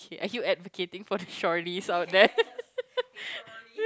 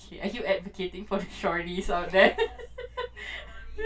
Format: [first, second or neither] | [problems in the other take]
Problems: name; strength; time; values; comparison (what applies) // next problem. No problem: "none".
first | background sound (Bird vocalization, bird call, bird song); 12 dB below the speech // room echo; dies away in 0.2 s